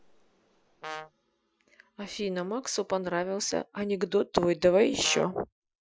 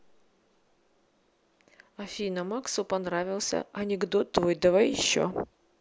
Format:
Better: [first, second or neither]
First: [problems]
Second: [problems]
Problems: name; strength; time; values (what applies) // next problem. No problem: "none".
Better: second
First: noise reduction (classical method Wiener filter)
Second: none